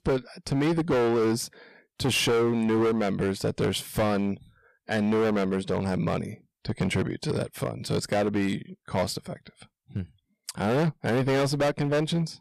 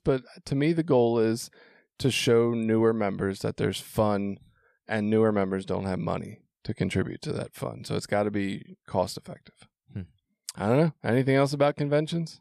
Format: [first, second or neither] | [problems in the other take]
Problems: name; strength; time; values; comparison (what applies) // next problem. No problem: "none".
second | distortion; heavy; 14% of the sound clipped